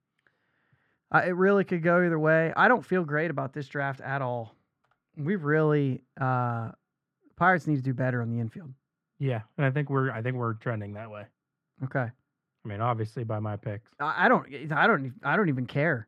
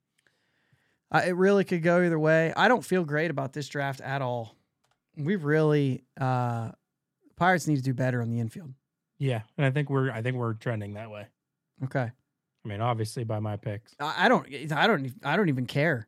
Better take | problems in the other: second | muffled; slightly; fading above 4 kHz

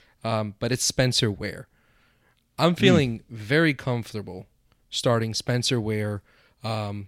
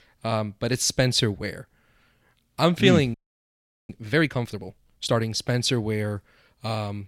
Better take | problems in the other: first | audio freezing; at 3 s for 1 s

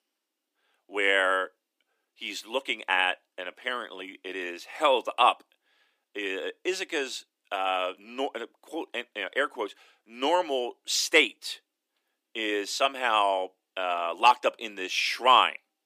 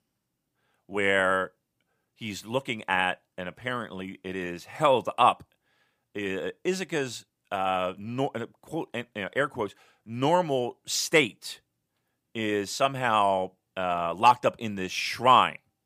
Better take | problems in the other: second | thin; somewhat; fading below 300 Hz

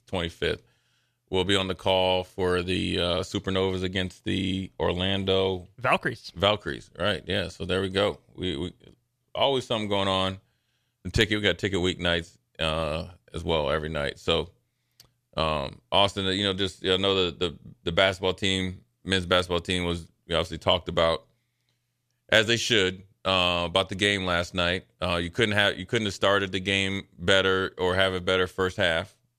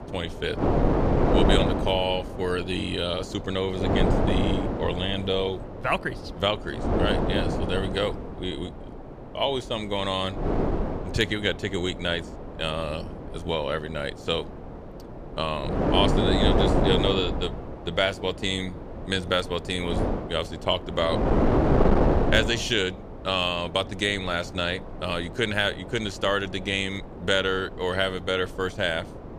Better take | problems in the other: first | wind noise on the microphone; heavy; 2 dB below the speech

